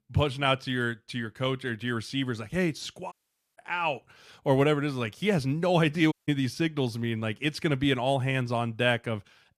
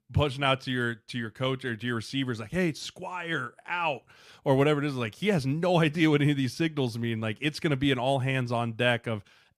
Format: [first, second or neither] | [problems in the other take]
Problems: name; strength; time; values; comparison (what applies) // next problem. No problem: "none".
second | audio cutting out; at 3 s and at 6 s